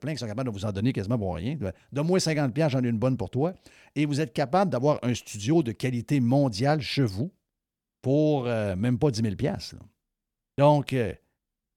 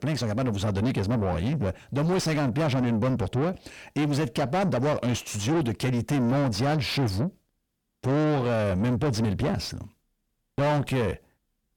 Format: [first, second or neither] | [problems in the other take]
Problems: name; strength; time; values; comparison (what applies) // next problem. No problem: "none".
first | distortion; heavy; 6 dB below the speech